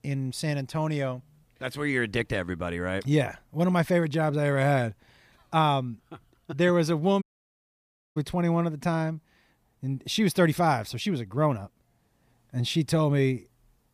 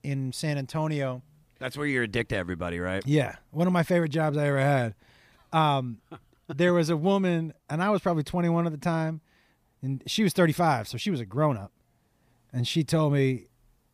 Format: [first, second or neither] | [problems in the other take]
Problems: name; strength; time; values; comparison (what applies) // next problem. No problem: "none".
second | audio cutting out; at 7 s for 1 s